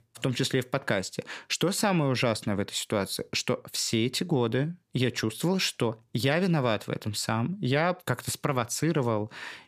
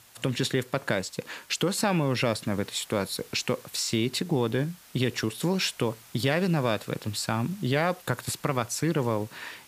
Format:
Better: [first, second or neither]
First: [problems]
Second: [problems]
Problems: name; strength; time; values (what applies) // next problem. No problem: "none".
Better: first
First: none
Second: hiss; faint; throughout; 20 dB below the speech